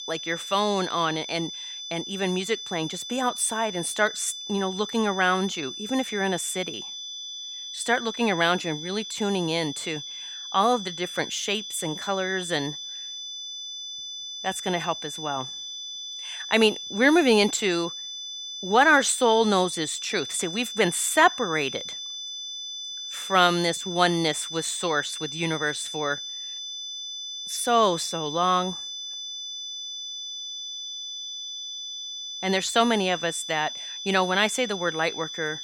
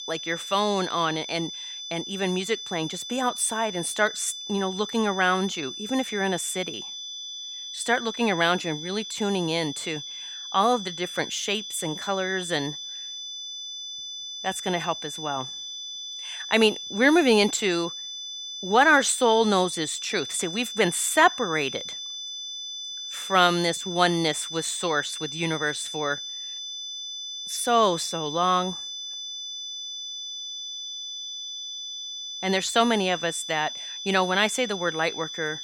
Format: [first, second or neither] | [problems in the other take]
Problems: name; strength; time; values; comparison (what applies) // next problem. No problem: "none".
neither | high-pitched whine; loud; throughout; 3.5 kHz, 8 dB below the speech; the same in both